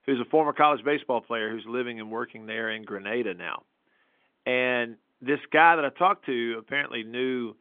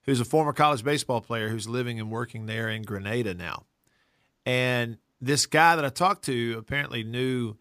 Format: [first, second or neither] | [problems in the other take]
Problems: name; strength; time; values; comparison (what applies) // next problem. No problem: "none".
second | phone-call audio; nothing above 3.5 kHz